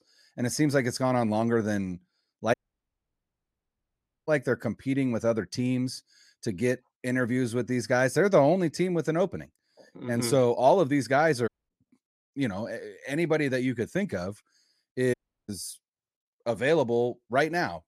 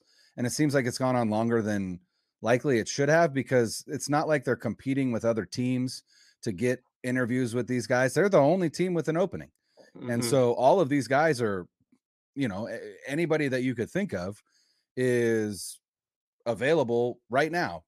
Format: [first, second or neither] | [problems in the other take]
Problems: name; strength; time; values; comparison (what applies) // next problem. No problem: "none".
second | audio cutting out; at 2.5 s for 1.5 s, at 11 s and at 15 s